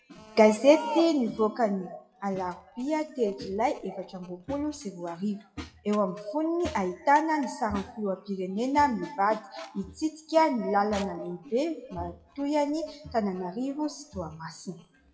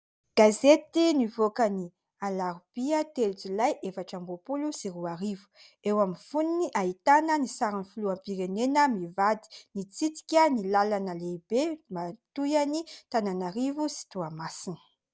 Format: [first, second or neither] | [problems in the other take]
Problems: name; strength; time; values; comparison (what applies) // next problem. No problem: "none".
second | noise reduction (classical method WPE with log-MMSE)